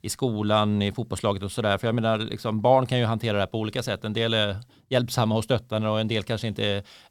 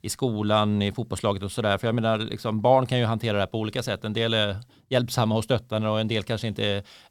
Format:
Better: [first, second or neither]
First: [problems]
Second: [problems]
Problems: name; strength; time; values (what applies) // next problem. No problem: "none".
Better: neither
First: none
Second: none